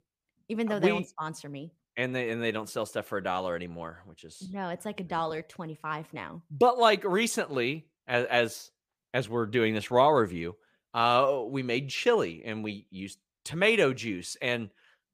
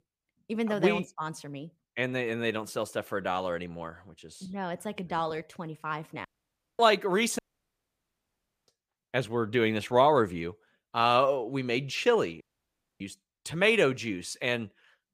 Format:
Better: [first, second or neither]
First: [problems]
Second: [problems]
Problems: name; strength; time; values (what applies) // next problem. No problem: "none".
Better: first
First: none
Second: audio cutting out; at 6.5 s for 0.5 s, at 7.5 s for 1.5 s and at 12 s for 0.5 s